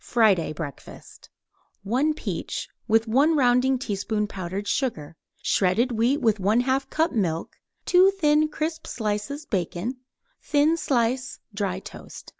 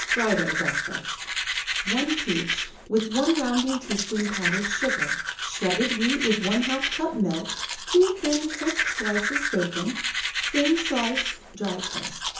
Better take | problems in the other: first | background sound (Domestic sounds, home sounds); 2 dB below the speech // room echo; dies away in 0.7 s

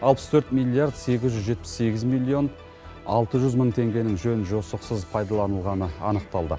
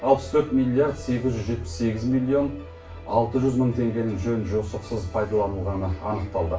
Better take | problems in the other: first | room echo; dies away in 0.3 s

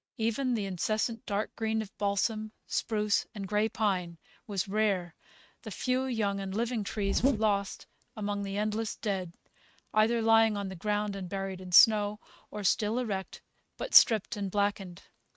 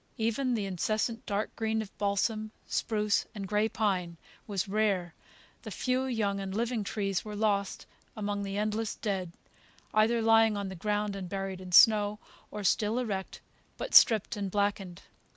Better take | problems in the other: second | noise reduction (neural mask model RNNoise)

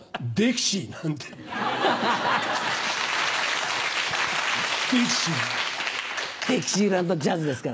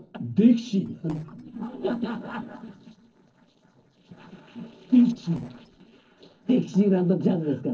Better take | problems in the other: first | noise reduction (neural separator model SepFormer DNS4)

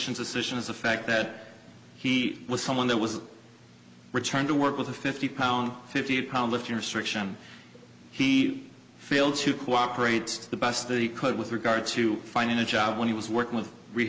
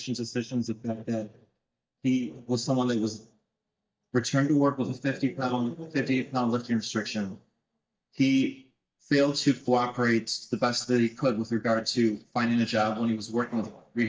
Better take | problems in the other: first | noise reduction (neural mask model DeepFilterNet 3)

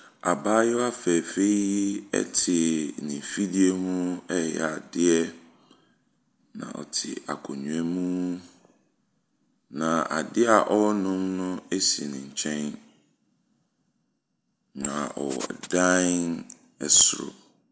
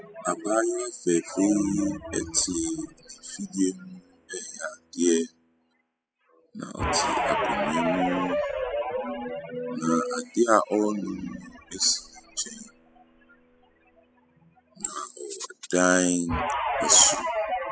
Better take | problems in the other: first | noise reduction (classical method spectral subtraction)

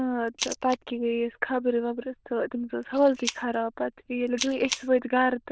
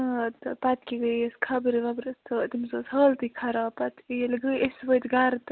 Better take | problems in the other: second | noise reduction (neural diffusion model UNIVERSE++)

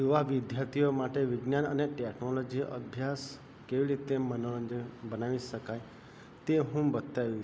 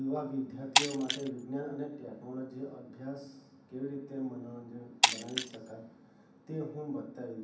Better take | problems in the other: first | background sound (Shatter); 5 dB above the speech // room echo; dies away in 0.7 s

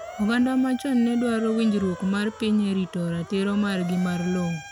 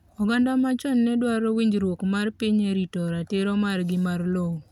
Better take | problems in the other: second | background sound (Motor vehicle (road) / Siren); 17 dB below the speech

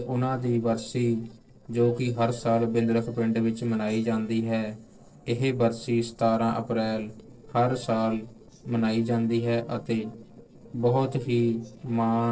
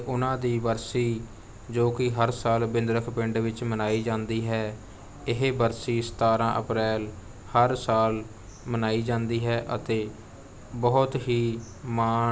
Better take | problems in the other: second | noise reduction (neural separator model SepFormer DNS4)

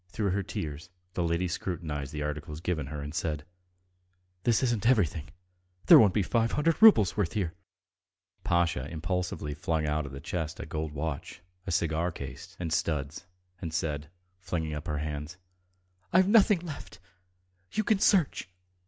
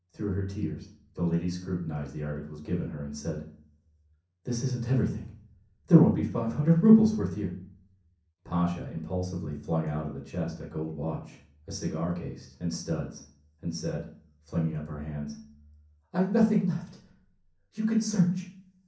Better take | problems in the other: first | room echo; dies away in 0.6 s

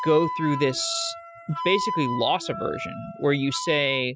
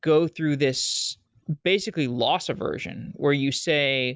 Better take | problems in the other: second | noise reduction (classical method spectral subtraction)

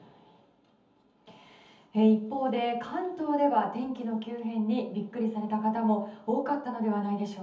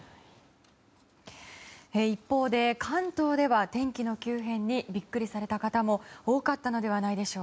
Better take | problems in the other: second | room echo; dies away in 0.7 s

